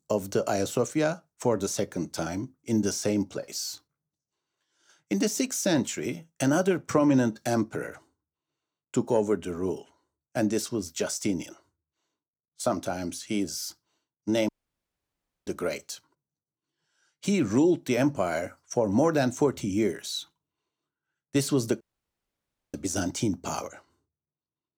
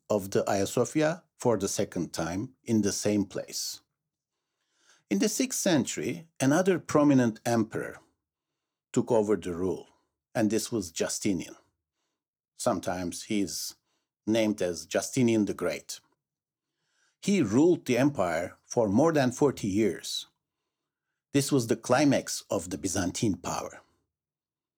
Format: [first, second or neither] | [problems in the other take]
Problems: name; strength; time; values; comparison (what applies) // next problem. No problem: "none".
second | audio cutting out; at 14 s for 1 s and at 22 s for 1 s